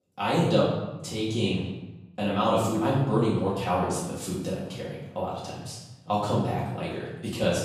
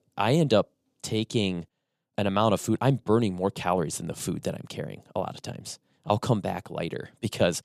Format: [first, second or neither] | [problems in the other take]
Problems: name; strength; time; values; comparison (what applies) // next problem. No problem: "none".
second | off-mic speech; far // room echo; noticeable; dies away in 0.9 s